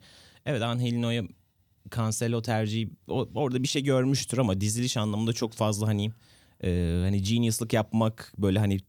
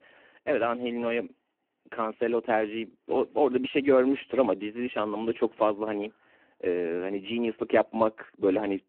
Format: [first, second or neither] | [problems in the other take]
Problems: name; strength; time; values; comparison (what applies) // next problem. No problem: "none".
first | phone-call audio; poor line